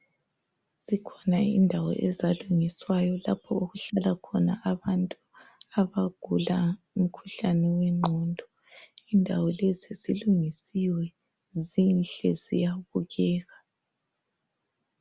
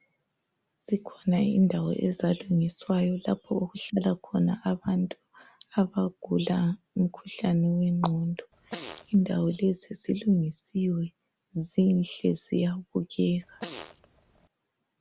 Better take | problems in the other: first | background sound (Fart); 16 dB below the speech

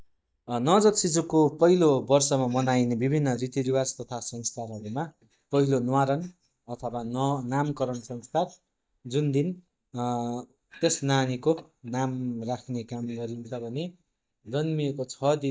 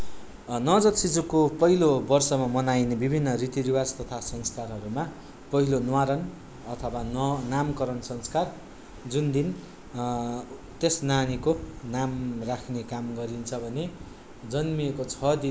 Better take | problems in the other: second | noise reduction (neural mask model DeepFilterNet 3)

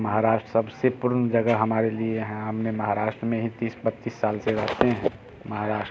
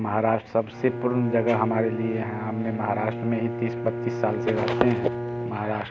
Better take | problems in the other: first | background sound (Bowed string instrument); 5 dB below the speech

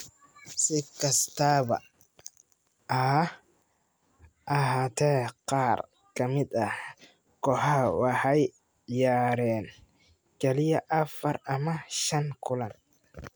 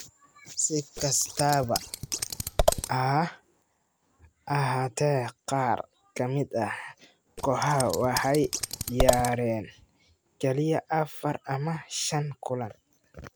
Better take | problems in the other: first | background sound (Scissors); 1 dB below the speech

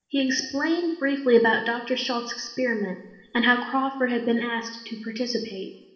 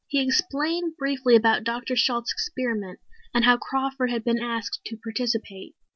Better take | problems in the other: second | room echo; dies away in 1 s

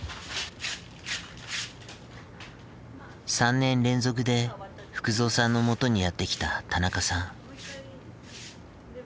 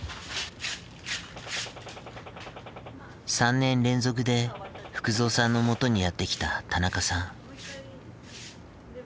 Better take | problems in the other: first | background sound (Gunshot, gunfire); 16 dB below the speech

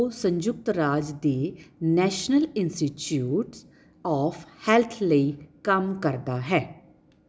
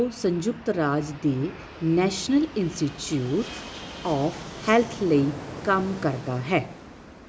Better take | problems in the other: first | background sound (Fixed-wing aircraft, airplane); 14 dB below the speech

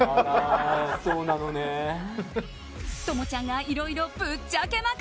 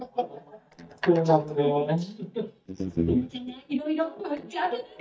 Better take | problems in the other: first | noise reduction (neural mask model DeepFilterNet 3)

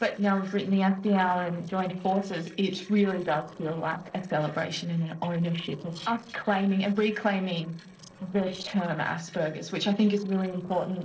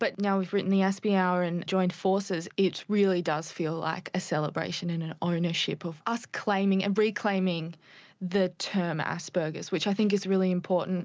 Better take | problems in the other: second | noise reduction (neural separator model SepFormer DNS4)

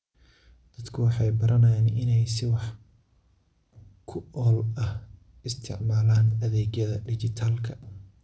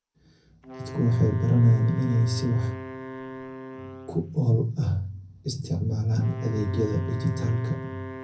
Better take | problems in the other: first | background sound (Wind instrument, woodwind instrument); 14 dB below the speech // room echo; dies away in 0.3 s

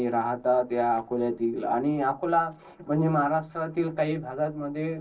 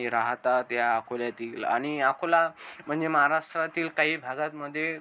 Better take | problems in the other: second | noise reduction (neural separator model SepFormer DNS4)

